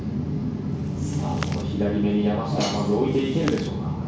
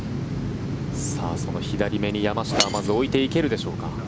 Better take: second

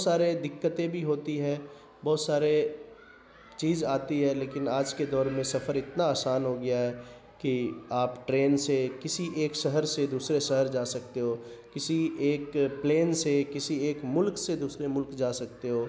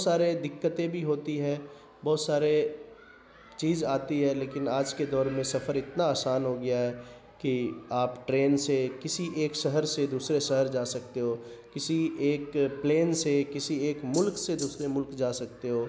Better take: first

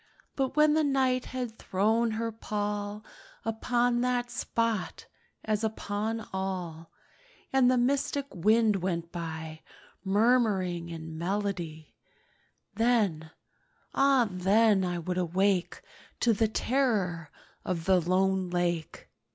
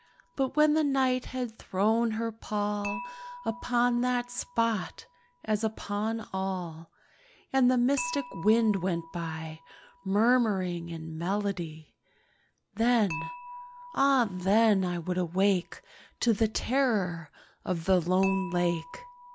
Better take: first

